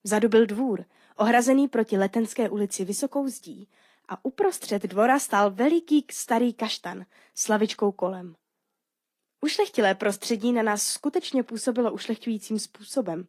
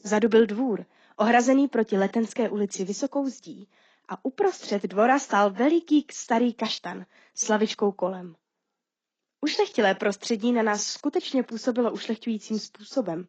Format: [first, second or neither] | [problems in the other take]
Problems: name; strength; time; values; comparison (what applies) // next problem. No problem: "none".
first | garbled, watery; badly; slightly in the first